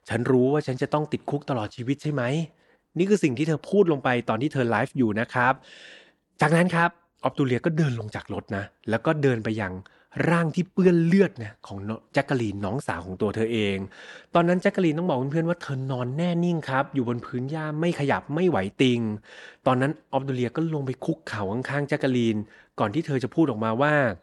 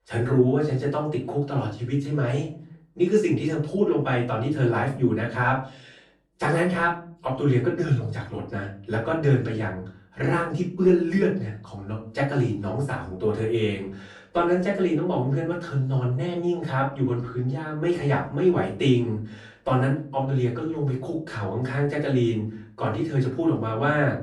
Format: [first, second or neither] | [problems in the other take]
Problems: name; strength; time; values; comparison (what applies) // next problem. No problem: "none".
first | off-mic speech; far // room echo; slight; dies away in 0.4 s